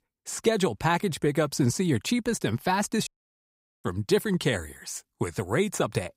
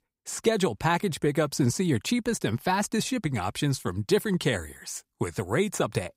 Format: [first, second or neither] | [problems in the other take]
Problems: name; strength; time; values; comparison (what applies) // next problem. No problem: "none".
second | audio cutting out; at 3 s for 1 s